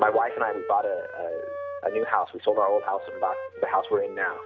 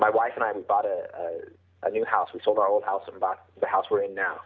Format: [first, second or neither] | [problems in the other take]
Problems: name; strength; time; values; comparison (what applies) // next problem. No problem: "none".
second | background sound (Wind instrument, woodwind instrument); 11 dB below the speech